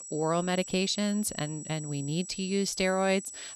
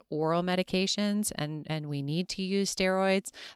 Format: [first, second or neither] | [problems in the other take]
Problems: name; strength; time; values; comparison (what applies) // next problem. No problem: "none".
second | high-pitched whine; noticeable; throughout; 8 kHz, 10 dB below the speech